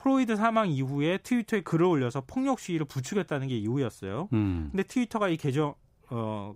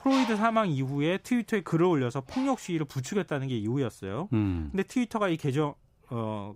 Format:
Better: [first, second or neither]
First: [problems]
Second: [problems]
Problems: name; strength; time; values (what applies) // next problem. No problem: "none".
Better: first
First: none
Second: animal sounds; very faint; throughout; 10 dB below the speech